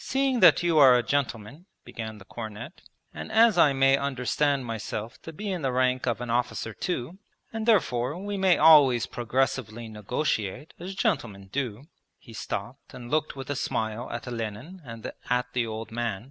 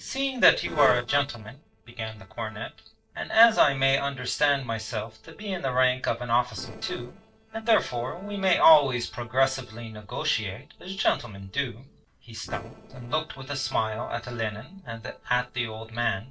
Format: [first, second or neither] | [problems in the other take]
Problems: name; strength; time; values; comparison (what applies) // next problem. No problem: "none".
first | noise reduction (neural separator model SepFormer DNS4)